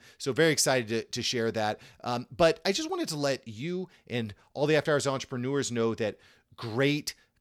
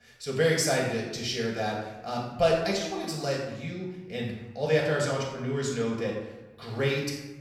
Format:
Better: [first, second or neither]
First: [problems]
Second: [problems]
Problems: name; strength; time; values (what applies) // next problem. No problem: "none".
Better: first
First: none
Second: off-mic speech; far // room echo; noticeable; dies away in 0.8 s